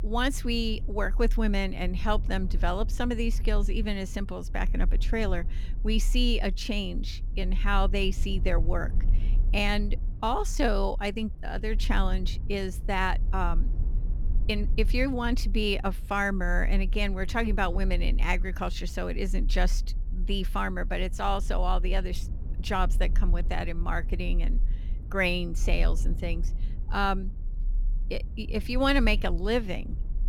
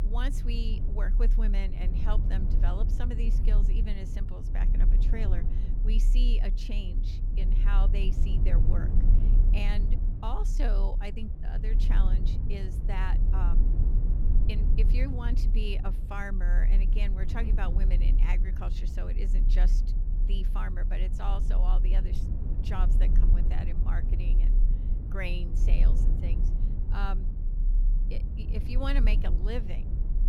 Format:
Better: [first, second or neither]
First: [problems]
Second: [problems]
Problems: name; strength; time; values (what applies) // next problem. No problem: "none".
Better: first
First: low rumble; faint; throughout; 20 dB below the speech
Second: low rumble; loud; throughout; 6 dB below the speech